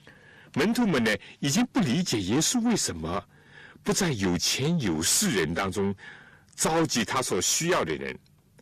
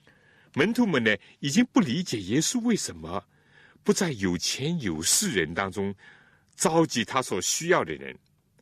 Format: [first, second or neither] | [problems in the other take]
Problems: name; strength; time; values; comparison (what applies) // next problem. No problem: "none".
second | distortion; heavy; 6 dB below the speech